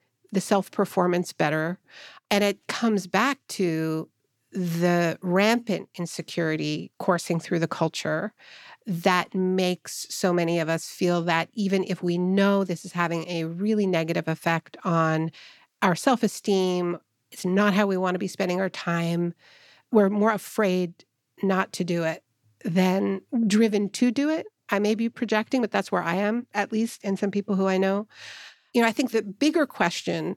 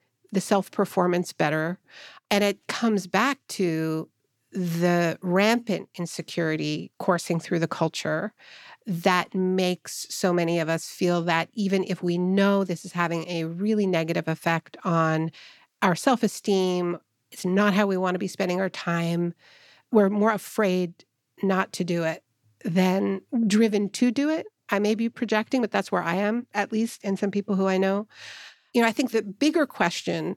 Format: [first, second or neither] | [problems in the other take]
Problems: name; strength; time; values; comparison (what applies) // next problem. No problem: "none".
neither | none